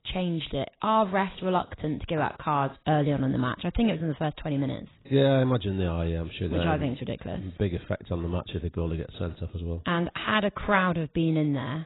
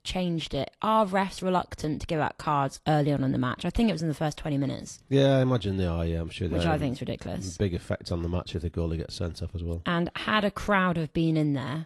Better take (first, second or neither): second